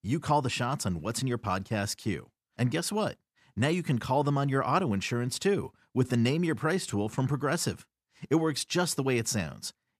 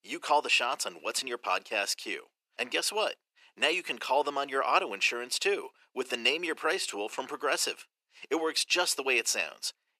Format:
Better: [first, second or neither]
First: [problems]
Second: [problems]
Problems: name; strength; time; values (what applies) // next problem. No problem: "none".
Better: first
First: none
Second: thin; very; fading below 400 Hz